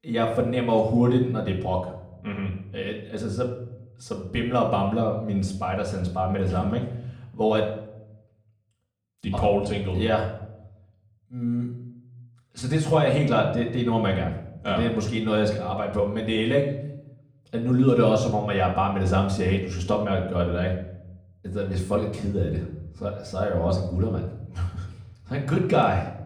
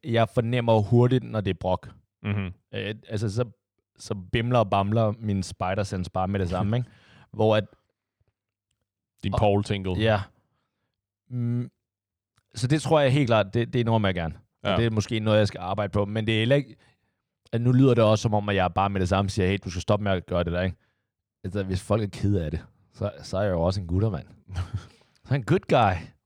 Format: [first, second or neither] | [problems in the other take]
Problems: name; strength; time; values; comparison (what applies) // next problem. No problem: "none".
second | room echo; slight; dies away in 0.6 s // off-mic speech; far